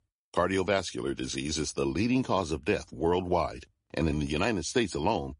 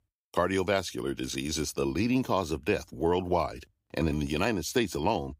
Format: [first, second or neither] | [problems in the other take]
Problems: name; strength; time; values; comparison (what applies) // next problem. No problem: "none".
second | garbled, watery; slightly; nothing above 10.5 kHz